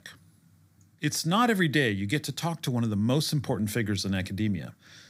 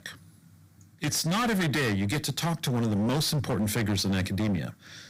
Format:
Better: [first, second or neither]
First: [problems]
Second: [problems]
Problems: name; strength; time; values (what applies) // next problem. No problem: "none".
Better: first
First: none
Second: distortion; heavy; 25% of the sound clipped